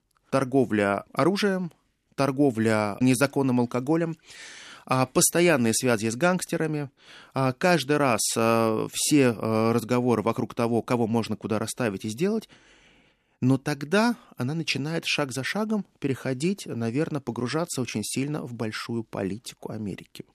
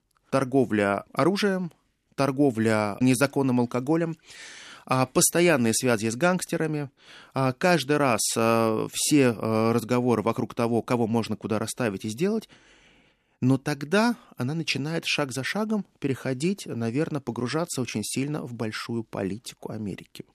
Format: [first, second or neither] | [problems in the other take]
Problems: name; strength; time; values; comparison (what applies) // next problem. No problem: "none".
neither | none